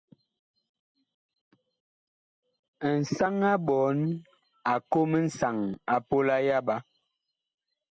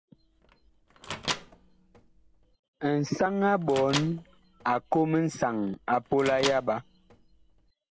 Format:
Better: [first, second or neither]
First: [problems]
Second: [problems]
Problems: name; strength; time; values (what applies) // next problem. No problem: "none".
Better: first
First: none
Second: background sound (Microwave oven); 11 dB below the speech